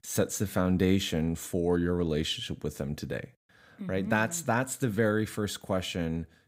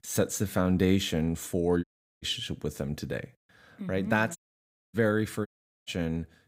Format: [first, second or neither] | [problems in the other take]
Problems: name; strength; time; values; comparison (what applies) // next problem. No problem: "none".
first | audio cutting out; at 2 s, at 4.5 s for 0.5 s and at 5.5 s